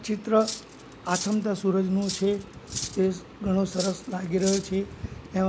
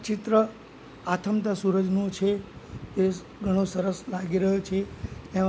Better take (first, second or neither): second